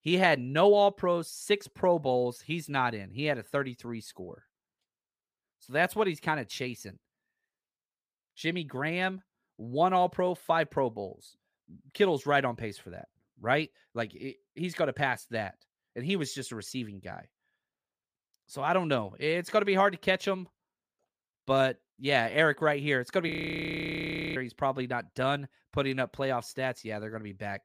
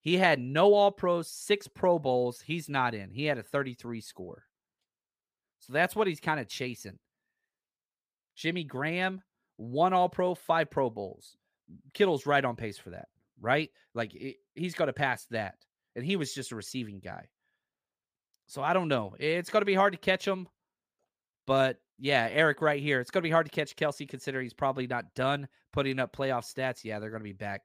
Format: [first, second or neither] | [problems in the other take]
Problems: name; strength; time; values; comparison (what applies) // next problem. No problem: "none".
second | audio freezing; at 23 s for 1 s